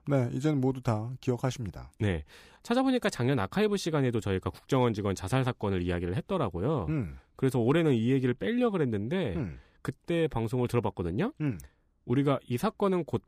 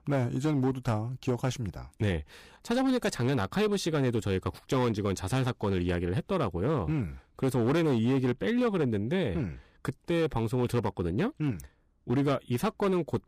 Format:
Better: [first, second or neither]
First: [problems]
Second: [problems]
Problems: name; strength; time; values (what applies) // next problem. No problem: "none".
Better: first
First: none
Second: distortion; slight; 9% of the sound clipped